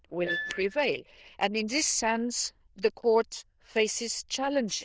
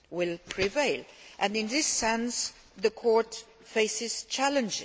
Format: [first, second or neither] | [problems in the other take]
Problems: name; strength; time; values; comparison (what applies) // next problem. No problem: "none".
second | noise reduction (neural diffusion model UNIVERSE++)